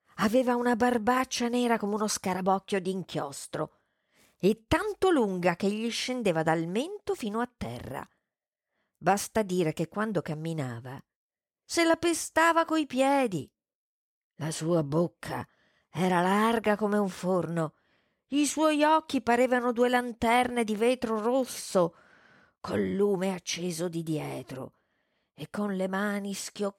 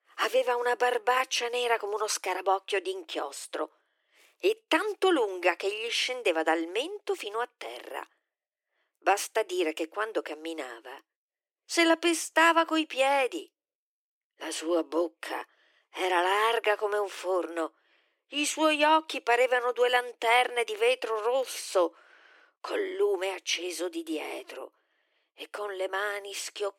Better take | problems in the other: first | thin; very; fading below 300 Hz

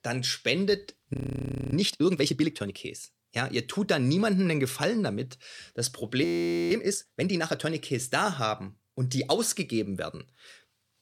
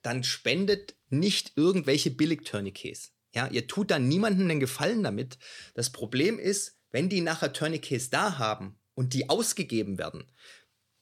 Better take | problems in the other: second | audio freezing; at 1 s for 0.5 s and at 6 s

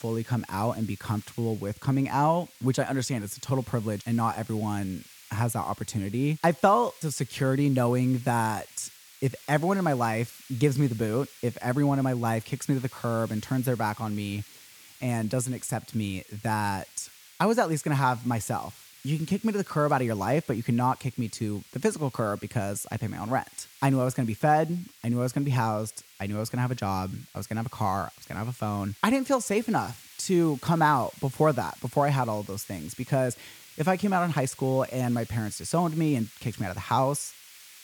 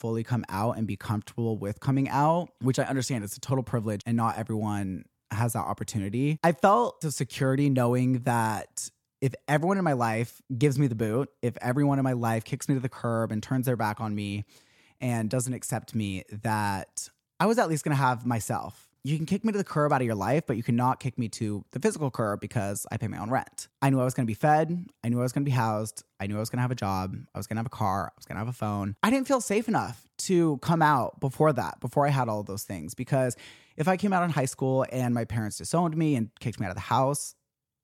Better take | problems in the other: second | hiss; faint; throughout; 20 dB below the speech

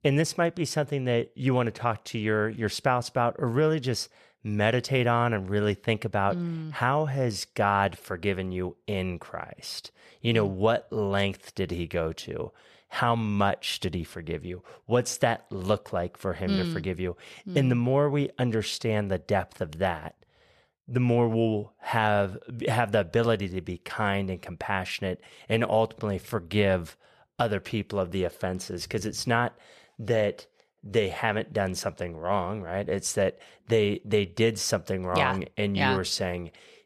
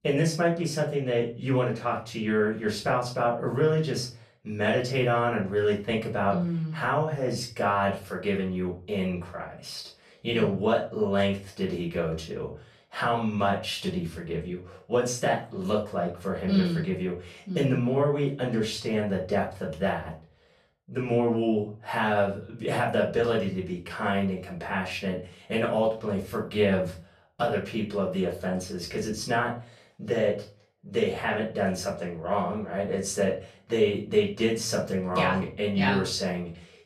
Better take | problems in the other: first | off-mic speech; far // room echo; slight; dies away in 0.3 s

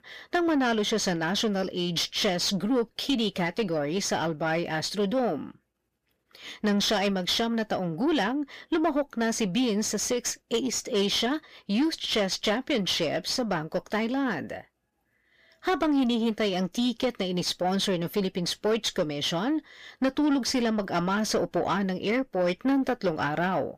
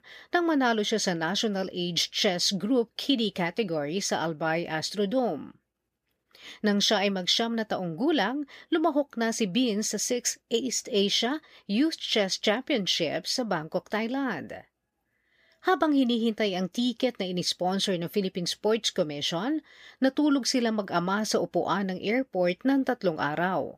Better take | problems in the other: second | distortion; slight; 10 dB below the speech

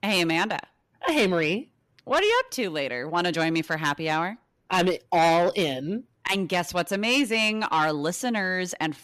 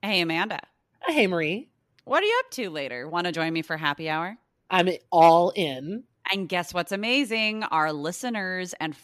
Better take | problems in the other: second | distortion; heavy; 7 dB below the speech

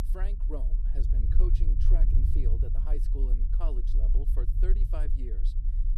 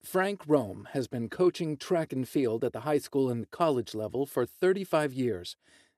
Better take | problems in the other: second | low rumble; loud; throughout; 4 dB below the speech

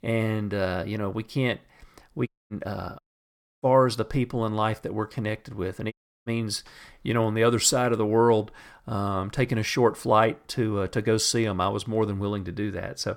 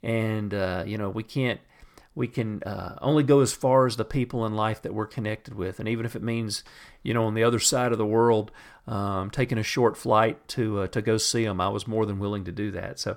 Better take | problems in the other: second | audio cutting out; at 2.5 s, at 3 s for 0.5 s and at 6 s

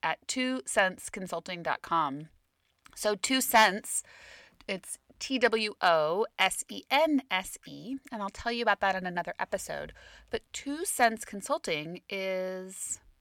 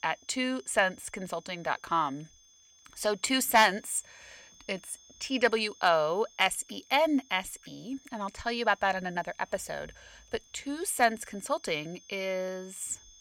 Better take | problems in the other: first | high-pitched whine; faint; throughout; 6.5 kHz, 25 dB below the speech

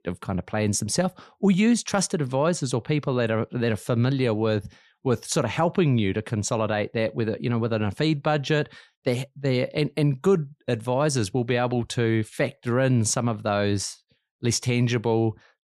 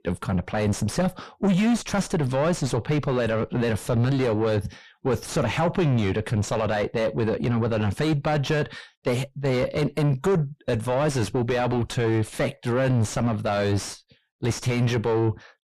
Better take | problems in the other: first | distortion; heavy; 5 dB below the speech

